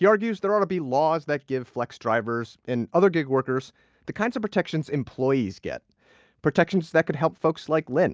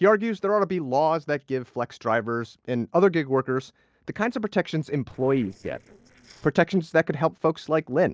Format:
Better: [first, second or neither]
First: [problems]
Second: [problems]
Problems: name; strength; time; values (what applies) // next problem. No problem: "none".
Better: first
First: none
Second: noise reduction (neural separator model SepFormer DNS4)